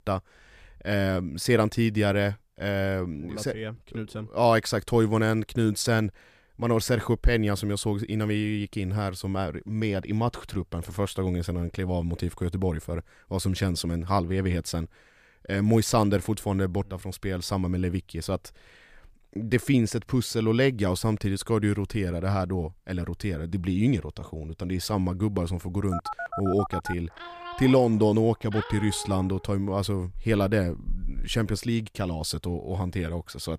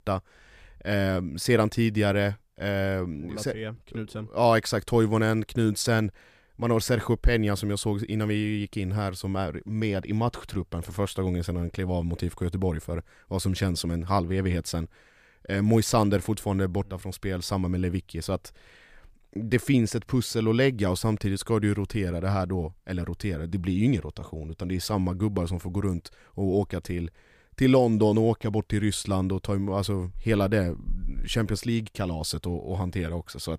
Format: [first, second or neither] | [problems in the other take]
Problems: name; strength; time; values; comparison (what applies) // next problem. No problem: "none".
second | phone ringing; noticeable; from 26 to 29 s; peak 7 dB below the speech